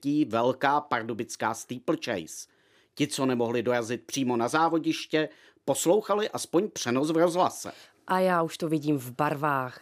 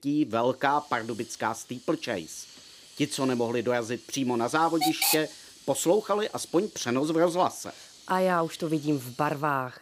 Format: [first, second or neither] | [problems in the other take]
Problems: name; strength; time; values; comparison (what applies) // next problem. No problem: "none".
first | hiss; loud; throughout; 5 dB below the speech